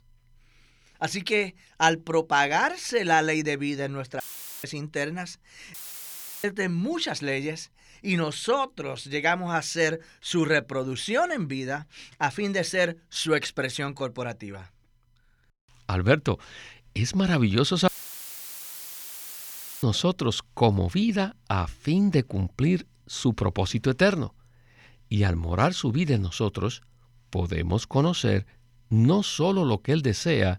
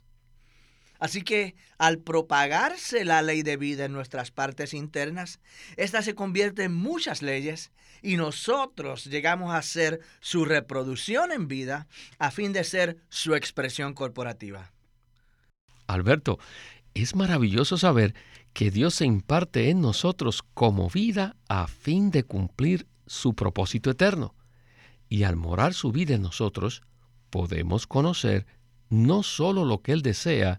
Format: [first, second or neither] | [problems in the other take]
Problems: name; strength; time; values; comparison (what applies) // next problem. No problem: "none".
second | audio cutting out; filled with static; at 4 s, at 5.5 s for 0.5 s and at 18 s for 2 s